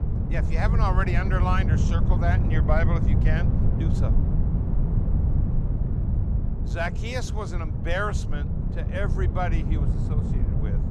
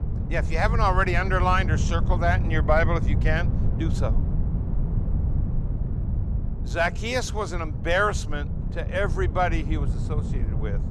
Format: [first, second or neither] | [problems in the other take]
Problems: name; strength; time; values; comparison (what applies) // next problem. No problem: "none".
second | wind noise on the microphone; heavy; 7 dB below the speech; occasional gusts in the second